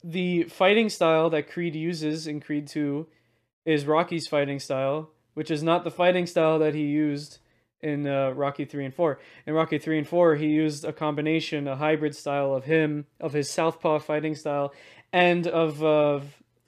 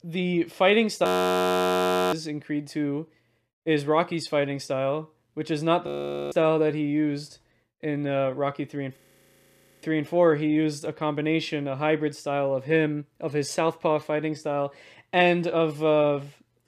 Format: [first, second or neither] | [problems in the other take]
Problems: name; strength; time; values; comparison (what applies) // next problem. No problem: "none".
first | audio freezing; at 1 s for 1 s, at 6 s and at 9 s for 1 s